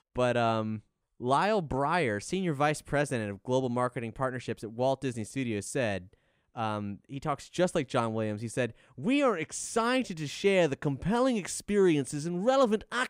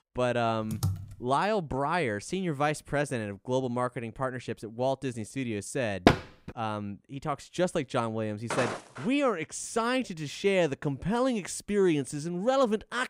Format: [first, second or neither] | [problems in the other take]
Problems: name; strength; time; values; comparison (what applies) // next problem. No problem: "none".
first | keyboard typing; noticeable; at 0.5 s; peak 3 dB below the speech // door banging; loud; at 6 s; peak 6 dB above the speech // footsteps; noticeable; at 8.5 s; peak 3 dB below the speech